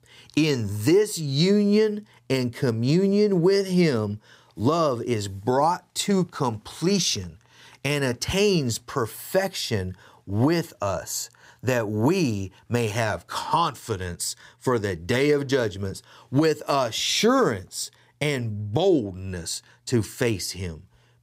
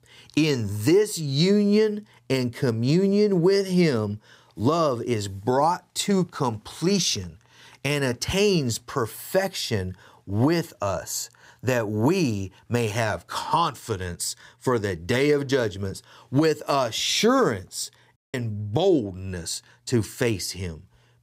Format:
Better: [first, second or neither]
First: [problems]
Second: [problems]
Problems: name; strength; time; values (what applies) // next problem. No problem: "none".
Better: first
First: none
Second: audio cutting out; at 18 s